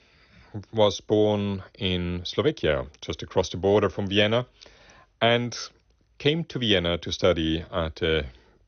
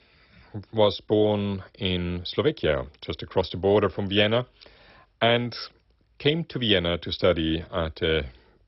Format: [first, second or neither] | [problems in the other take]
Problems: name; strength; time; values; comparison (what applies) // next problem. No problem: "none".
first | garbled, watery; badly; nothing above 5.5 kHz; slightly in the first